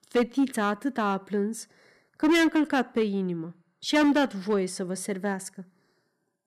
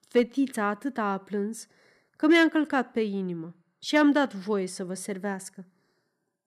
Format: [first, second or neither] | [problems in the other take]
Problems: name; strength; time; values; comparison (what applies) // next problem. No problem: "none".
second | distortion; slight; 6% of the sound clipped